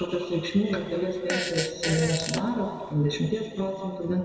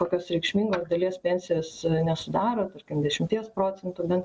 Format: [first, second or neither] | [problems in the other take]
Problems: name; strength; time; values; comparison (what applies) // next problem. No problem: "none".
second | background sound (Fart); 7 dB below the speech // room echo; dies away in 2.2 s